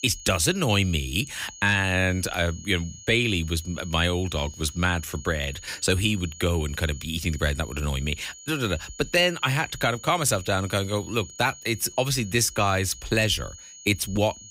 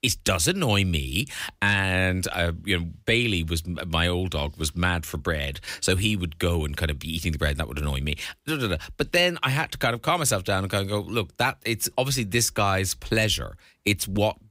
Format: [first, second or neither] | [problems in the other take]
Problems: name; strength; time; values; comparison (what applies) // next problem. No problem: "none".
second | high-pitched whine; noticeable; throughout; 6.5 kHz, 15 dB below the speech